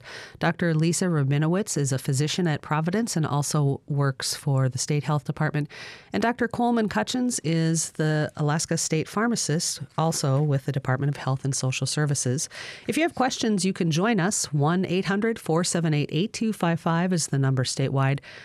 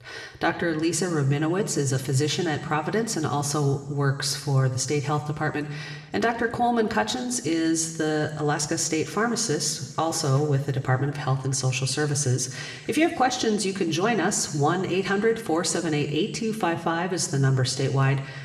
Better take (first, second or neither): first